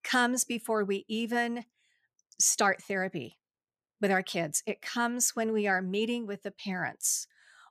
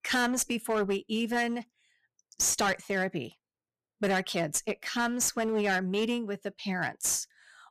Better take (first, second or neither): first